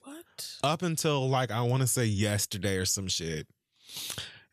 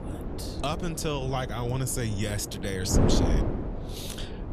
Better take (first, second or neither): first